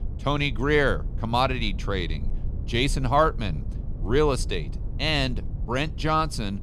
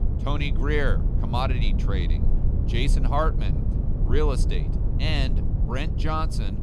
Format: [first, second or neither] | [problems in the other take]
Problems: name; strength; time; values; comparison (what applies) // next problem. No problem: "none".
first | low rumble; loud; throughout; 9 dB below the speech; faint in the first